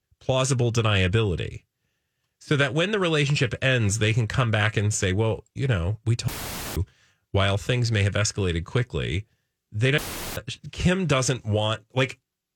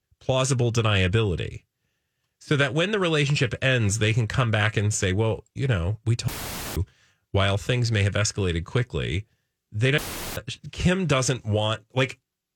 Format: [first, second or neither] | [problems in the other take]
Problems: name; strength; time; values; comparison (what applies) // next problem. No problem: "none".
neither | audio cutting out; filled with static; at 6.5 s and at 10 s; the same in both